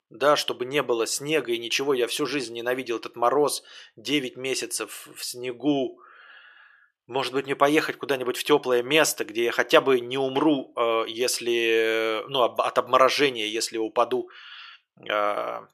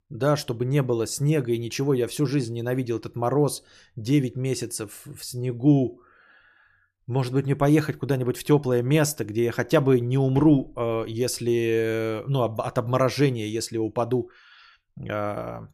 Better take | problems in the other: second | thin; somewhat; fading below 500 Hz

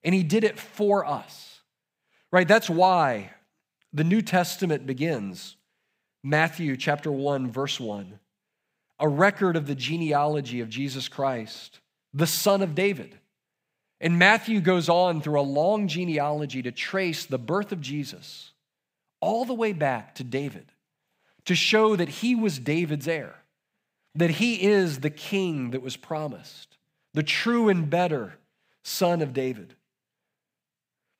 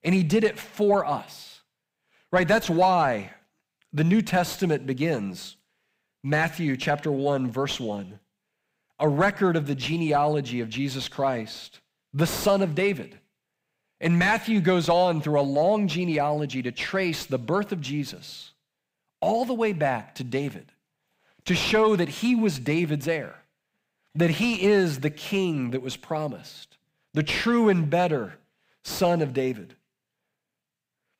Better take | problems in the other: first | distortion; slight; 10 dB below the speech

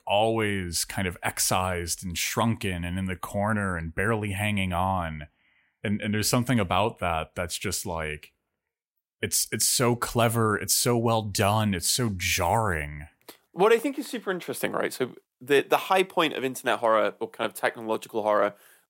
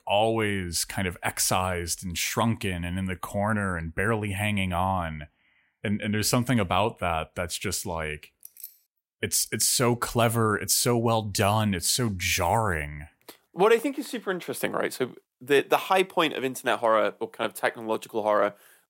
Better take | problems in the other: first | jangling keys; faint; at 8.5 s; peak 15 dB below the speech

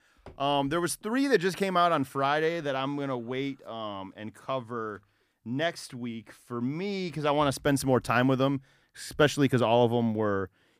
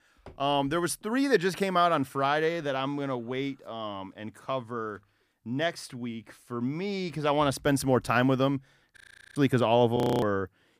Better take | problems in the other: first | audio freezing; at 9 s and at 10 s

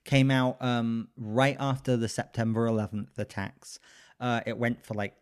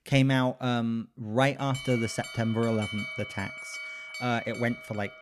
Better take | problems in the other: first | alarm; noticeable; from 1.5 s on; peak 6 dB below the speech

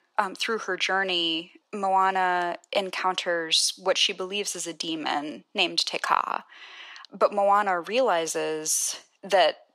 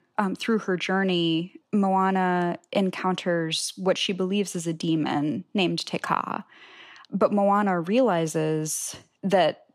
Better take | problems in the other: second | thin; very; fading below 550 Hz

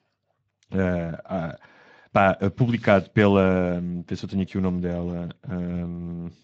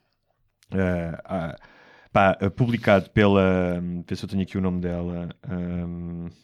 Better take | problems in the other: second | garbled, watery; slightly

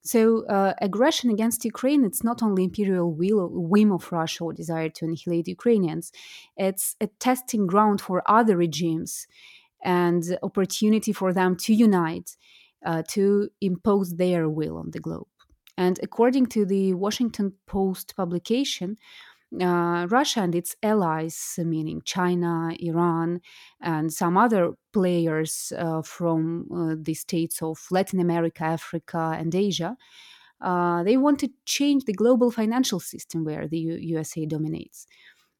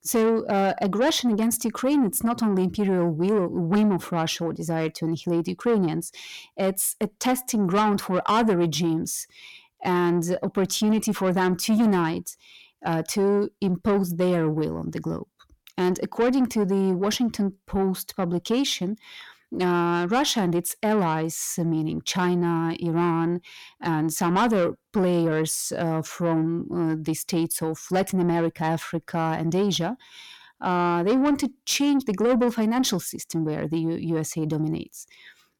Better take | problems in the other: first | distortion; slight; 10 dB below the speech

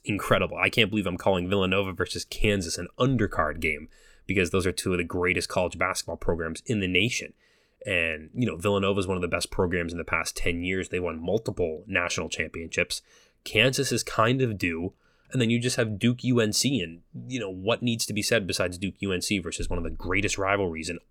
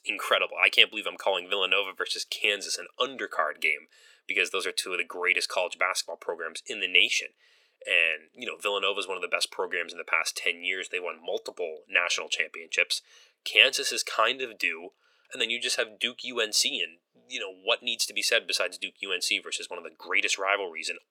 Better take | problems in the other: first | thin; very; fading below 500 Hz

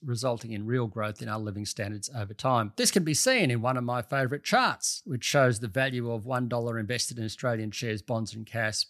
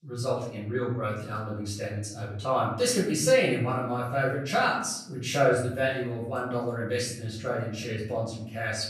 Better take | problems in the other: first | off-mic speech; far // room echo; noticeable; dies away in 0.6 s

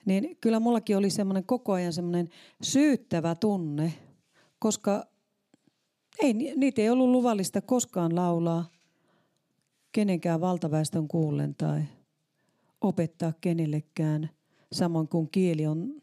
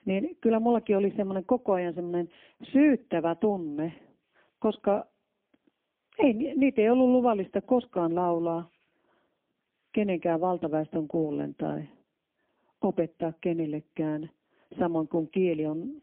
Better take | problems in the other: first | phone-call audio; poor line; nothing above 3.5 kHz

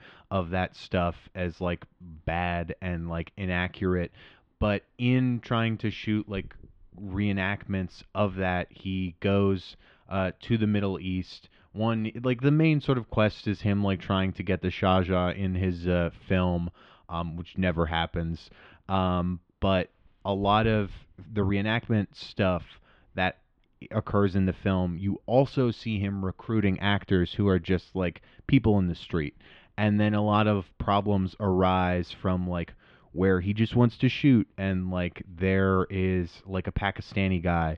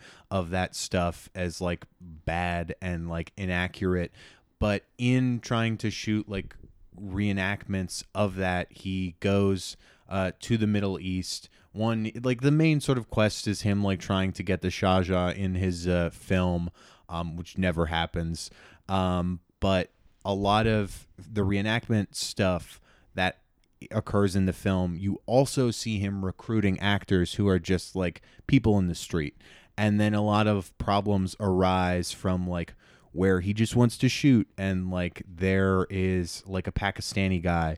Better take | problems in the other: second | muffled; slightly; fading above 3.5 kHz

